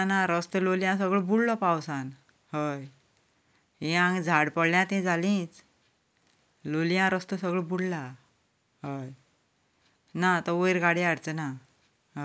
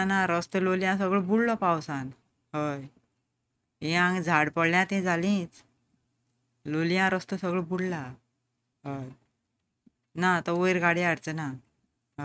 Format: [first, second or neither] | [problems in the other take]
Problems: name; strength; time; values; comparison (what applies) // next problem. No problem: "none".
first | noise reduction (neural mask model RNNoise)